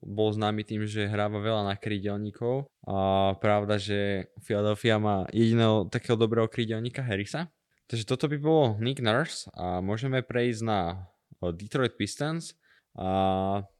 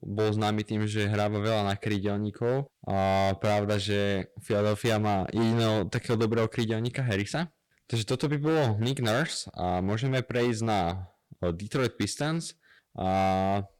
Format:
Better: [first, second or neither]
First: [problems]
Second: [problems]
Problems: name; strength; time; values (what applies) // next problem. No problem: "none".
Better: first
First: none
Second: distortion; heavy; 14% of the sound clipped